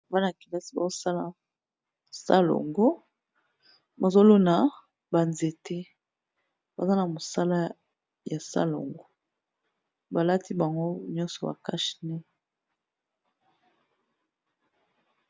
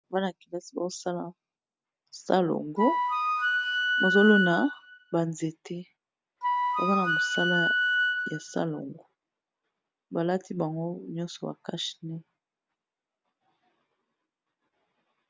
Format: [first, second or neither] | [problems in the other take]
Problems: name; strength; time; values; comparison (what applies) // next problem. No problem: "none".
first | background sound (Wind instrument, woodwind instrument); 4 dB above the speech